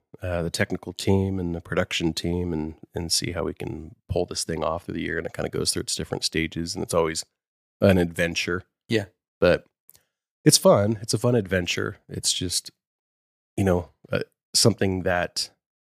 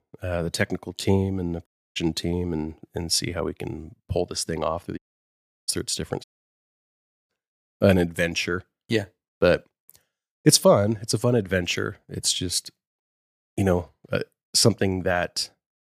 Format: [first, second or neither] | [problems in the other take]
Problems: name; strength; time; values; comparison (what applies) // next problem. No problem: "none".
first | audio cutting out; at 1.5 s, at 5 s for 0.5 s and at 6 s for 1 s